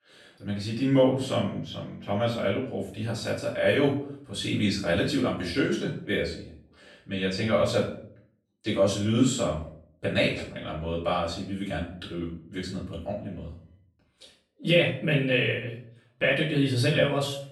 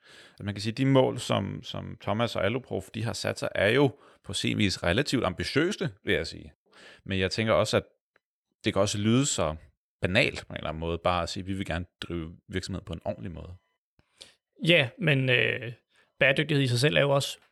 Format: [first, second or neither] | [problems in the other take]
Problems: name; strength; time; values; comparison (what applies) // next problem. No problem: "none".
second | off-mic speech; far // room echo; noticeable; dies away in 0.5 s